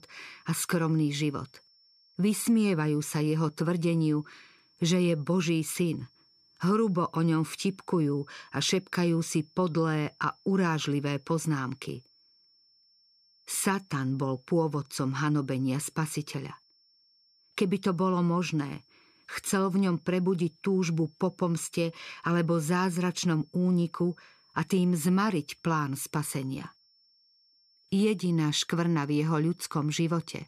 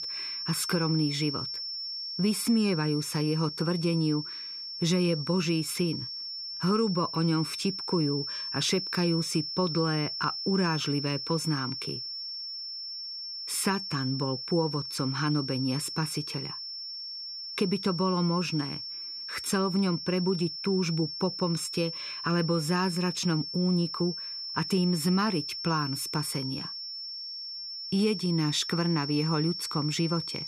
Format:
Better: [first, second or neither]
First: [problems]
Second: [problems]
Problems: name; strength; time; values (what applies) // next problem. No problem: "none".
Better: first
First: high-pitched whine; faint; throughout; 5.5 kHz, 35 dB below the speech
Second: high-pitched whine; loud; throughout; 5.5 kHz, 5 dB below the speech